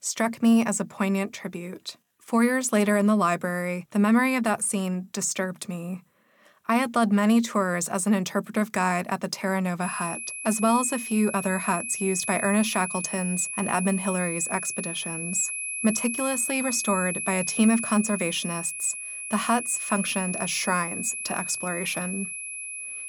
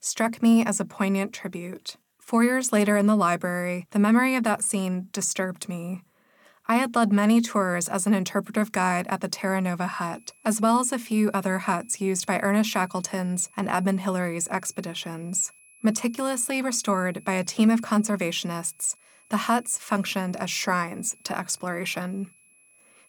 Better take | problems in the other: second | high-pitched whine; loud; from 10 s on; 2.5 kHz, 5 dB below the speech; faint in the second

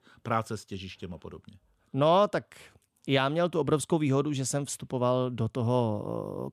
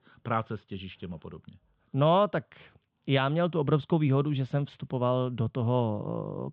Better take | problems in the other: first | muffled; very; fading above 3.5 kHz

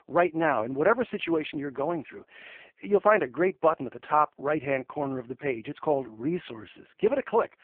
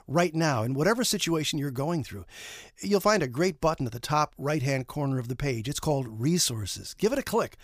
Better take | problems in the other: second | phone-call audio; poor line

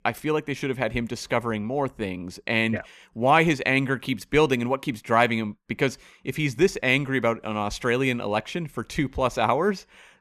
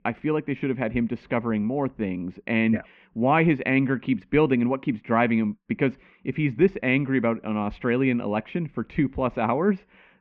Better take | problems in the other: first | muffled; very; fading above 2.5 kHz

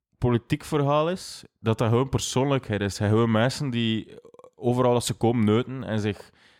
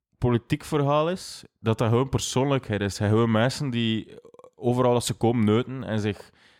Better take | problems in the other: neither | none

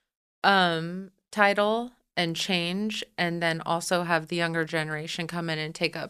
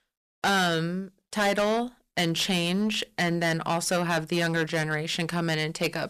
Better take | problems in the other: first | distortion; heavy; 12% of the sound clipped

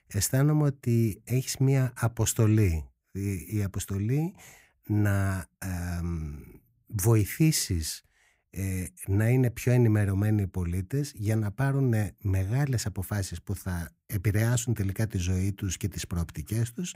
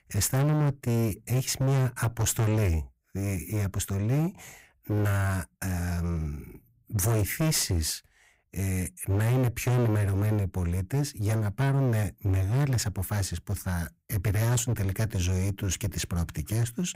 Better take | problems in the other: first | distortion; heavy; 18% of the sound clipped

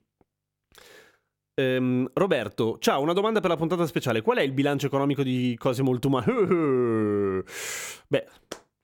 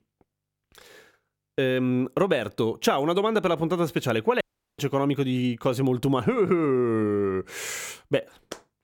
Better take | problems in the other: first | audio cutting out; at 4.5 s

